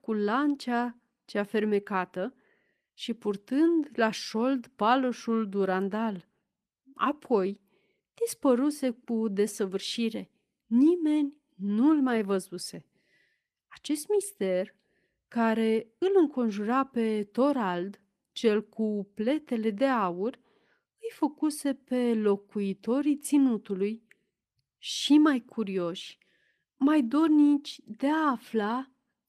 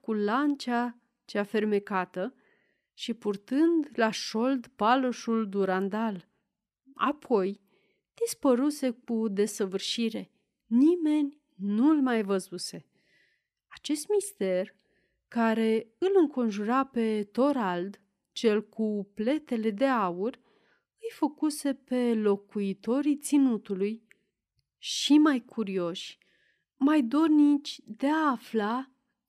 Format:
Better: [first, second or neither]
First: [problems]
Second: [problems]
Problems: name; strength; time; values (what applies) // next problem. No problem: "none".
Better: second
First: garbled, watery; slightly; nothing above 14.5 kHz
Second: none